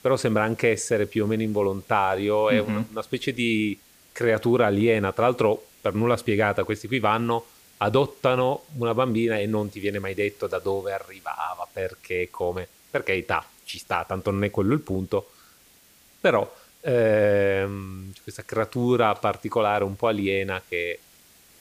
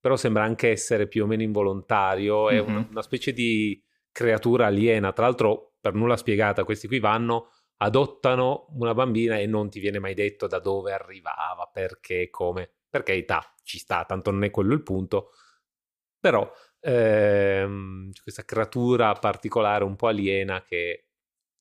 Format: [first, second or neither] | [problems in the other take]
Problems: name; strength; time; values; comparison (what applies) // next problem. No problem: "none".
second | hiss; faint; throughout; 25 dB below the speech